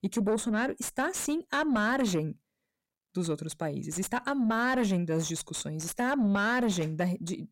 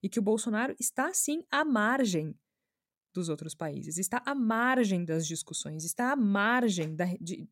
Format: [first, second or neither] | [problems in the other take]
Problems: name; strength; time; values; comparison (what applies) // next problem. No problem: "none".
second | distortion; slight; 10 dB below the speech